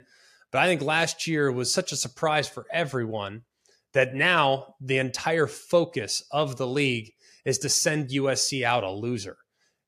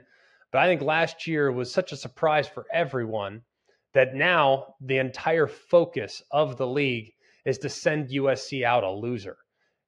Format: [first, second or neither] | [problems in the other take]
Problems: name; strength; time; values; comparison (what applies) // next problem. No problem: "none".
first | muffled; slightly; fading above 2.5 kHz